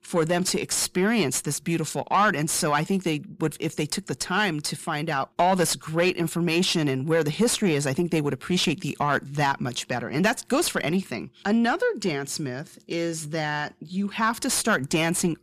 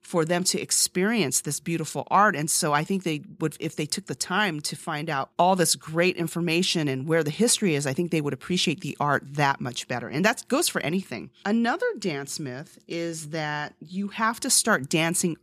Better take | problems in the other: second | distortion; slight; 10 dB below the speech

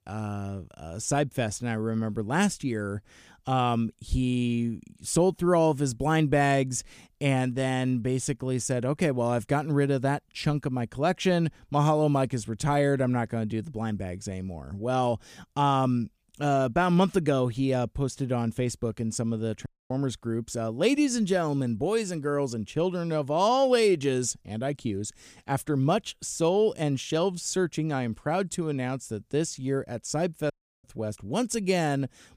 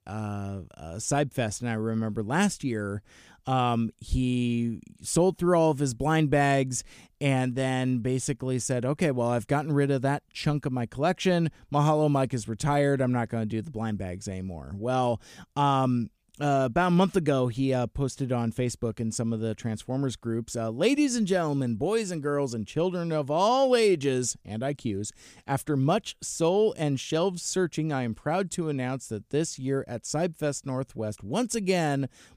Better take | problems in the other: second | audio cutting out; at 20 s and at 31 s

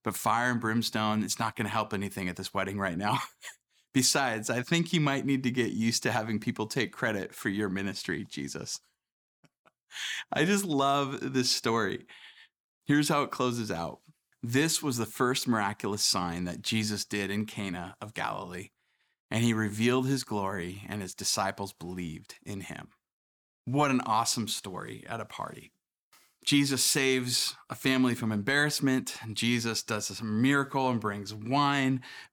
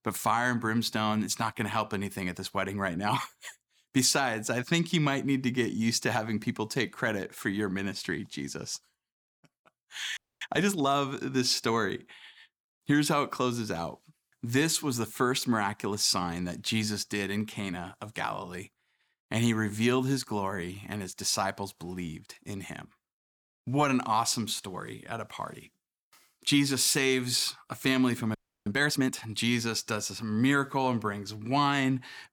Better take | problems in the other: first | audio freezing; at 10 s and at 28 s

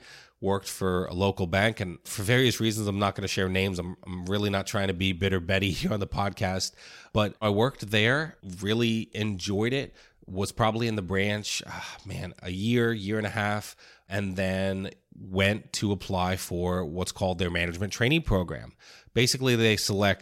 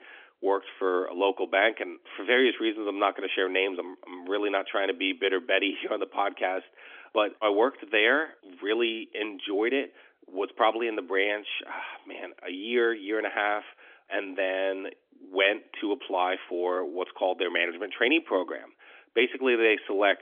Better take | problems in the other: first | phone-call audio; nothing above 3.5 kHz

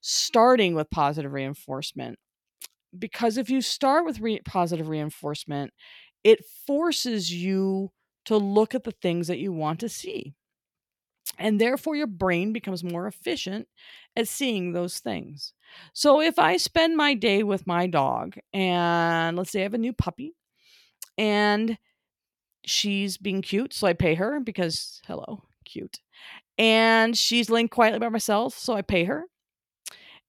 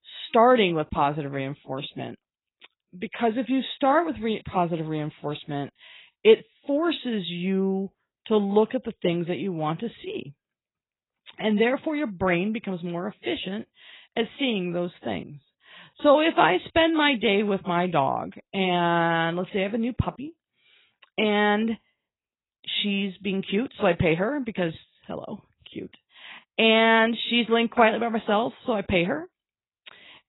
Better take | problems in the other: first | garbled, watery; badly; nothing above 4 kHz

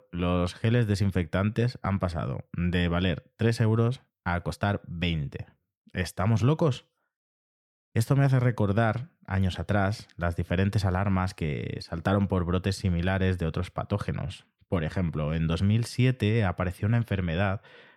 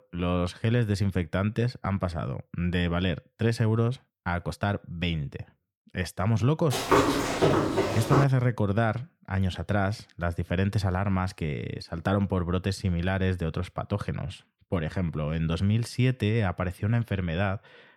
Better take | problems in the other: first | footsteps; loud; from 6.5 to 8 s; peak 6 dB above the speech

